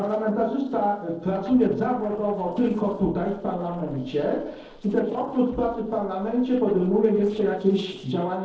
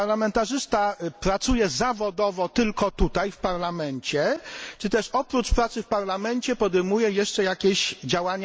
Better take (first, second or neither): second